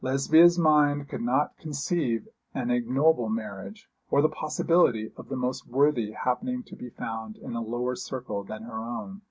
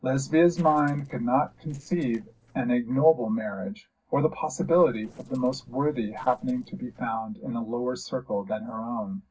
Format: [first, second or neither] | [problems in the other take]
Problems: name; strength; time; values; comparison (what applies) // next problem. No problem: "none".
first | noise reduction (neural separator model SepFormer DNS4)